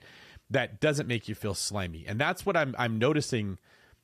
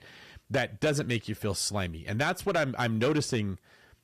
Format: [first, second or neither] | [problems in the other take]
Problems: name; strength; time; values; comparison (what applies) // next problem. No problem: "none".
first | distortion; slight; 4% of the sound clipped